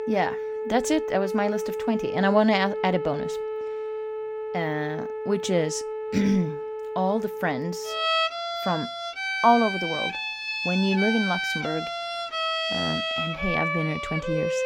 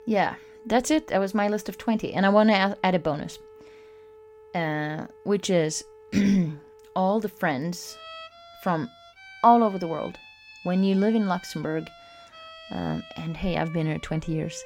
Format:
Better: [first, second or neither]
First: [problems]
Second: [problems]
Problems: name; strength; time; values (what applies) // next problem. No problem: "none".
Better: second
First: background music; loud; throughout; 2 dB below the speech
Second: background music; faint; throughout; 20 dB below the speech